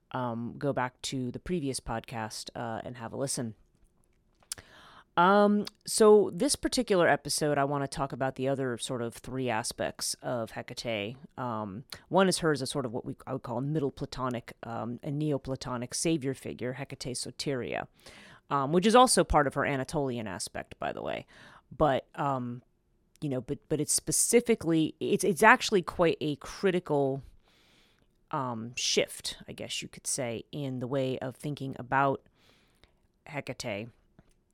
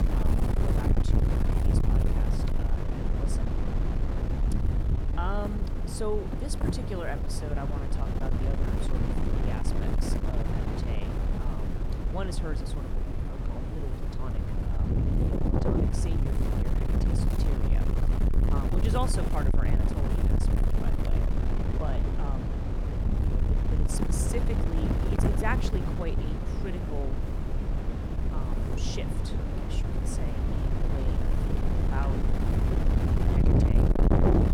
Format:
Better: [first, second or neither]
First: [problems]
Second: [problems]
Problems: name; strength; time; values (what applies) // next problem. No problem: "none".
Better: first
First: none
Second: wind noise on the microphone; heavy; 3 dB above the speech